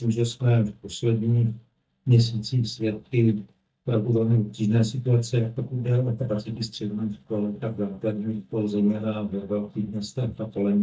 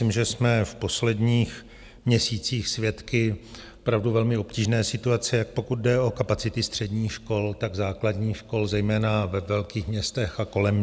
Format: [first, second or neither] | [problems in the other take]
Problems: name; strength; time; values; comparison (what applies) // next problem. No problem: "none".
second | noise reduction (neural mask model DeepFilterNet 3)